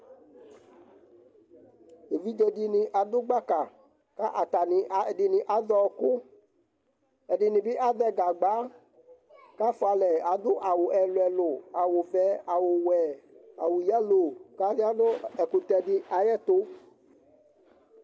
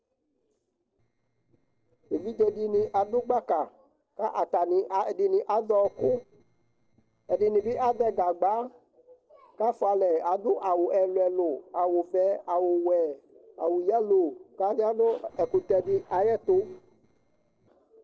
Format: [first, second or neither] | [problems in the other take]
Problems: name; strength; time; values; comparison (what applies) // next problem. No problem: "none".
first | noise reduction (neural separator model SepFormer DNS4)